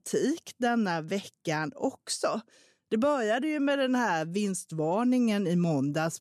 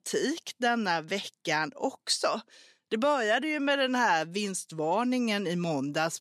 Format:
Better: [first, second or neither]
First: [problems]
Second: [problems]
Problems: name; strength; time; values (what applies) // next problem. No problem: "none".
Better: first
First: none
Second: thin; very slightly; fading below 300 Hz